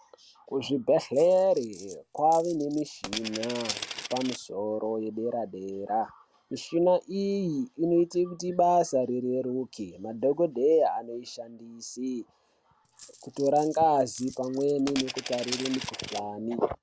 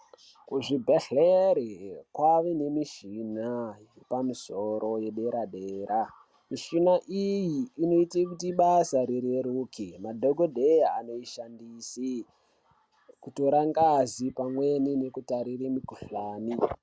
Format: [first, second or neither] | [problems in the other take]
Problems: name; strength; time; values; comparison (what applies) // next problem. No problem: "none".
second | background sound (Coin (dropping)); 12 dB below the speech